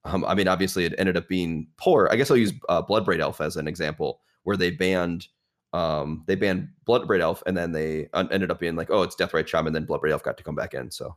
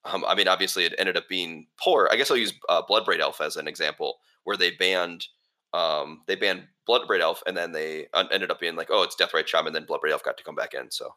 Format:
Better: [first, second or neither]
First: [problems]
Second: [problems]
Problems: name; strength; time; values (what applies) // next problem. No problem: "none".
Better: first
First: none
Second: thin; somewhat; fading below 550 Hz